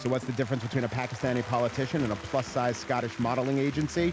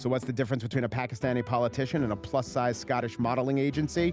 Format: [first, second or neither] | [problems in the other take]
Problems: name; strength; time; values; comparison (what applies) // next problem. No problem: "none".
second | background sound (Applause); 15 dB below the speech